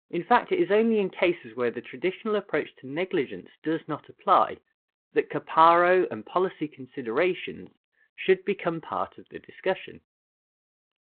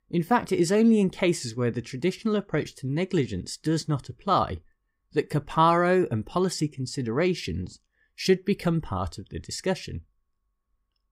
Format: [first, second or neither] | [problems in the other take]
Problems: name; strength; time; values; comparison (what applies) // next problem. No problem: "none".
second | phone-call audio